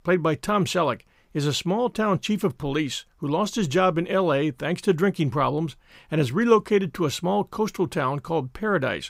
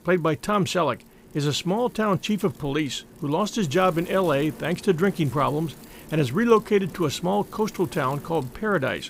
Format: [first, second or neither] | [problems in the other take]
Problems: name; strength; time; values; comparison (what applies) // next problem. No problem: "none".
first | wind noise on the microphone; occasional gusts; 20 dB below the speech